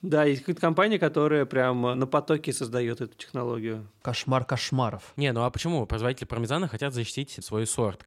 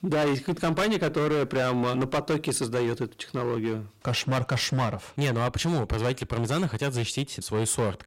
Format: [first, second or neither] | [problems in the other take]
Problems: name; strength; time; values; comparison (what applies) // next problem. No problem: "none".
first | distortion; heavy; 17% of the sound clipped